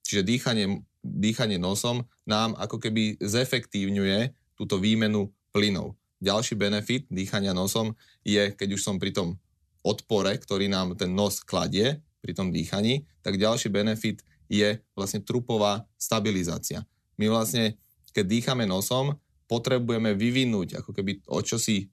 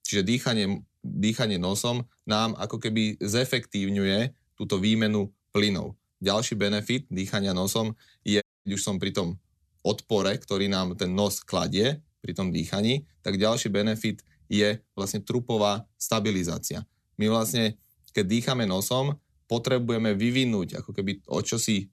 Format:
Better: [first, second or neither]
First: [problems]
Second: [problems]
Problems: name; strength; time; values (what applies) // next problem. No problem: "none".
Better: first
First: none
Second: audio cutting out; at 8.5 s